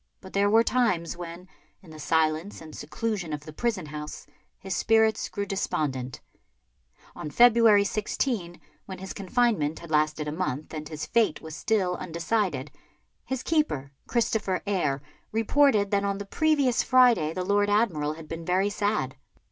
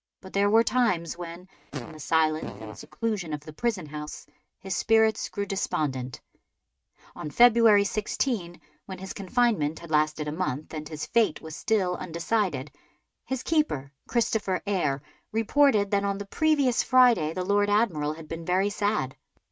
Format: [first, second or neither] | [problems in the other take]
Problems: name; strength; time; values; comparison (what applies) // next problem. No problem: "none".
first | noise reduction (neural mask model RNNoise)